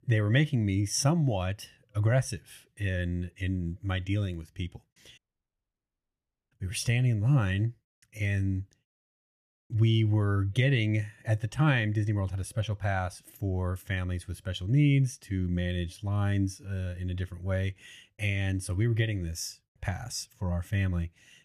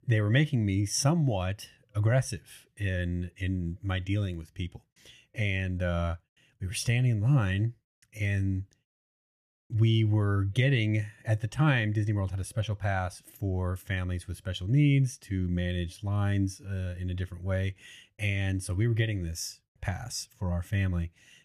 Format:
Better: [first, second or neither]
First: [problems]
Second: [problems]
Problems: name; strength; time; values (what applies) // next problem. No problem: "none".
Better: second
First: audio cutting out; at 5 s for 1.5 s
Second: none